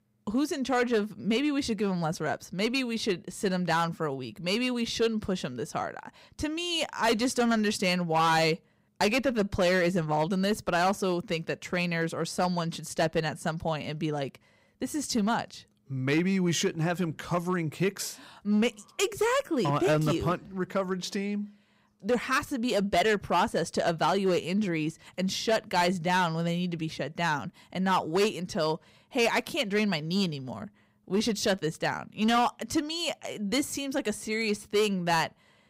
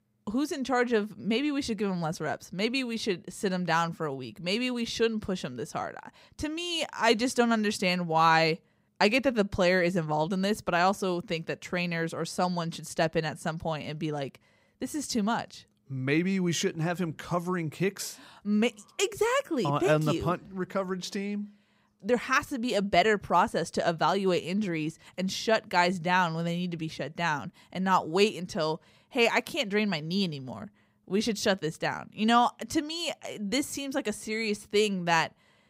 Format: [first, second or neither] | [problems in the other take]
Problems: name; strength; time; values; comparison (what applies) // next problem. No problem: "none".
second | distortion; slight; 4% of the sound clipped